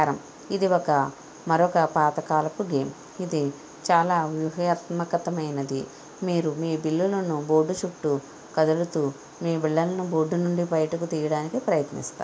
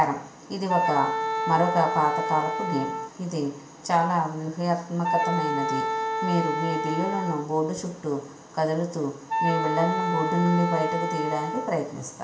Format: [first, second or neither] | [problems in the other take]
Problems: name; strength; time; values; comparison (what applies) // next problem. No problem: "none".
first | background sound (Wind instrument, woodwind instrument); 2 dB below the speech // room echo; dies away in 1 s